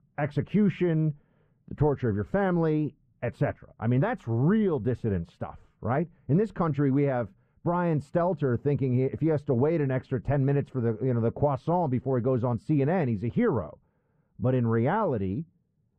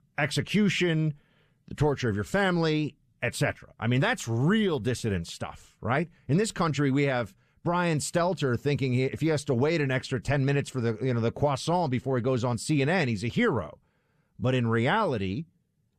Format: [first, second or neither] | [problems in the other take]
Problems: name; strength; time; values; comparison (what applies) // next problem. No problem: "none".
second | muffled; very; fading above 2.5 kHz